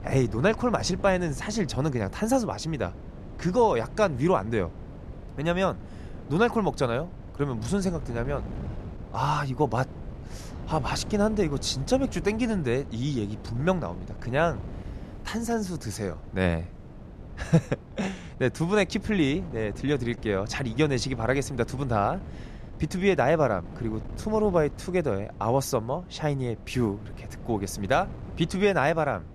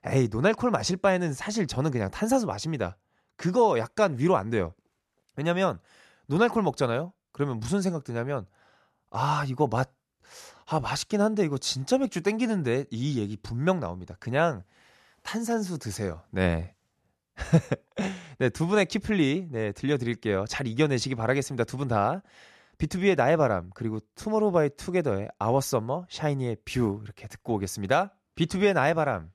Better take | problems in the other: second | wind noise on the microphone; occasional gusts; 20 dB below the speech

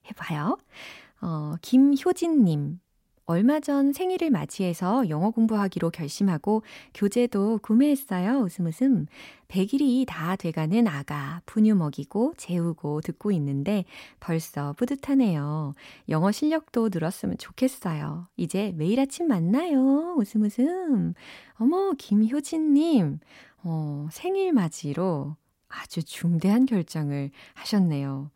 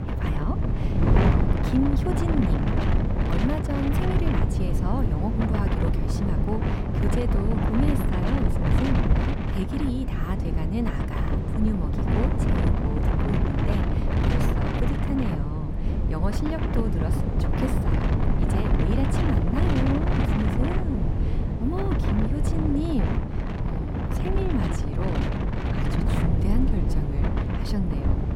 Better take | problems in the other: first | wind noise on the microphone; heavy; 3 dB above the speech

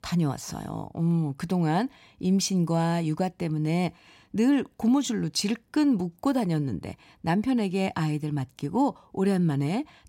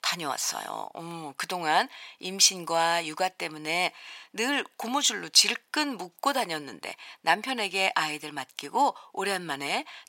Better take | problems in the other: first | thin; very; fading below 900 Hz

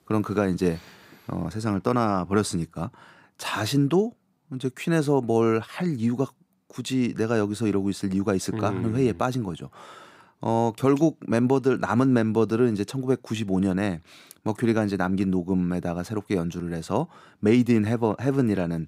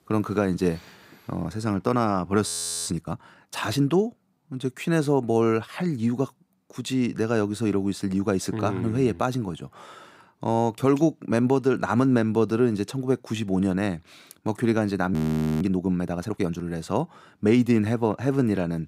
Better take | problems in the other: first | audio freezing; at 2.5 s and at 15 s

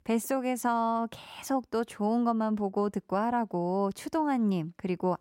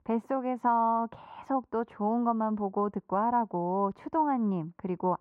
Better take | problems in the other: first | muffled; very; fading above 3.5 kHz

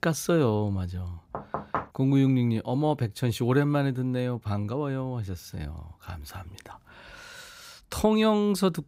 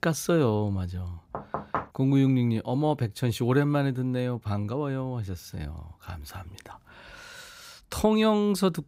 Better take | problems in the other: neither | door banging; noticeable; at 1.5 s; peak 6 dB below the speech; the same in both

